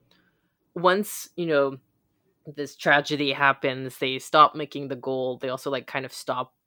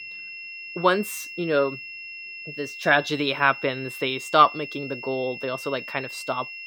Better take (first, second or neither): first